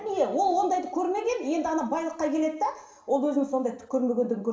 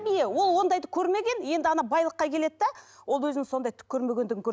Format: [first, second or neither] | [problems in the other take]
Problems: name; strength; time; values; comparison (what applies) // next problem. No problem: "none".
second | room echo; dies away in 0.7 s